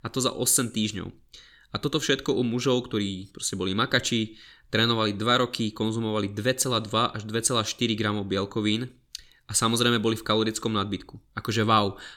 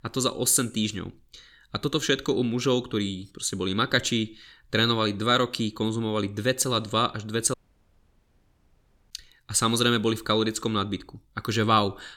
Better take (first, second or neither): first